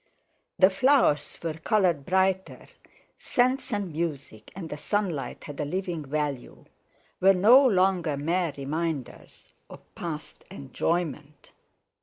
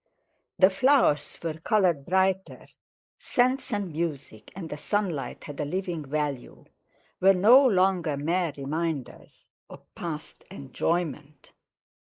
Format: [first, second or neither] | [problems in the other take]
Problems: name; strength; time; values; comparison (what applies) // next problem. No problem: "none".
first | noise reduction (neural mask model Resemble Enhance denoiser)